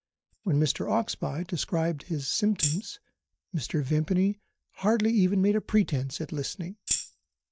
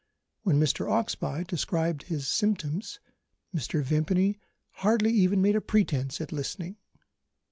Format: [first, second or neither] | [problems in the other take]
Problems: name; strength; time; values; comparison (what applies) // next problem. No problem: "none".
second | noise reduction (neural mask model DeepFilterNet 3)